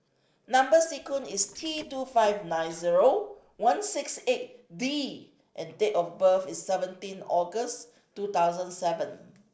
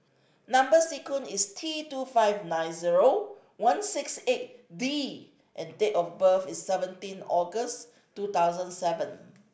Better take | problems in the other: second | noise reduction (neural separator model SepFormer DNS4)

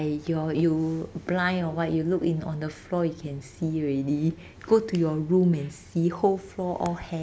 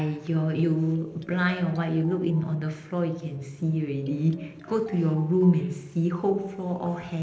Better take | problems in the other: first | noise reduction (neural separator model SepFormer DNS4)

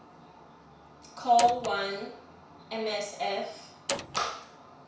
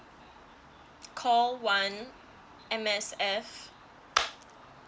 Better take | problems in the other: second | background sound (Door); 4 dB below the speech // room echo; dies away in 0.6 s

